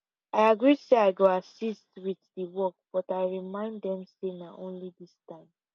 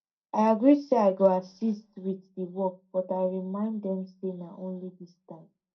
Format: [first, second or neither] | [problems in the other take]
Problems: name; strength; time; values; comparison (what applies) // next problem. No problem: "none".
first | room echo; dies away in 0.2 s